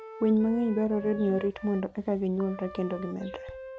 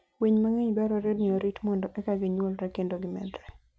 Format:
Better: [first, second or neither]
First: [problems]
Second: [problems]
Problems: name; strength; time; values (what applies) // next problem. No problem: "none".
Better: second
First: background sound (Wind instrument, woodwind instrument); 16 dB below the speech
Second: none